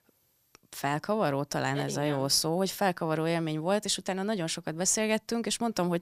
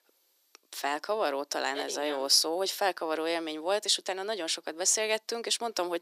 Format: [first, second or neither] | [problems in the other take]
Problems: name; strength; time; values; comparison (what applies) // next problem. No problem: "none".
first | thin; somewhat; fading below 300 Hz